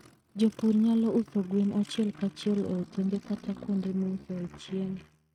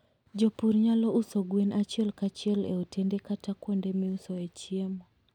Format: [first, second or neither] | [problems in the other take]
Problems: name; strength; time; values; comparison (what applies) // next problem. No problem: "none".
second | noise reduction (neural mask model RNNoise)